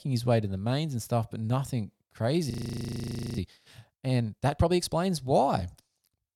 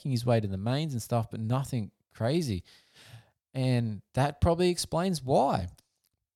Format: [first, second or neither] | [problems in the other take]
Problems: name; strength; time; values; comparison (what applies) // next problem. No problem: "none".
second | audio freezing; at 2.5 s for 1 s